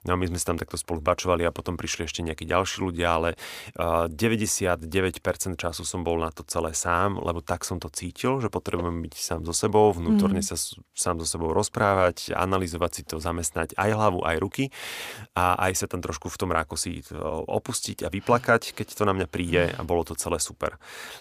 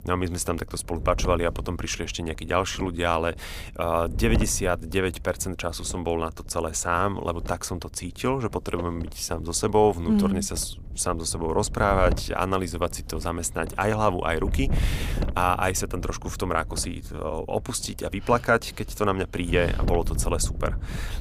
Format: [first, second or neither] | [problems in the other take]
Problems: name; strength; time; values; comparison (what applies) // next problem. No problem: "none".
first | wind noise on the microphone; occasional gusts; 20 dB below the speech